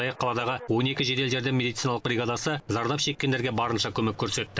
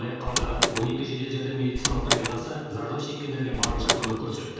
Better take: first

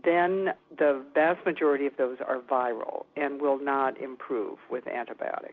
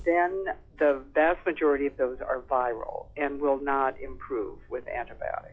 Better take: first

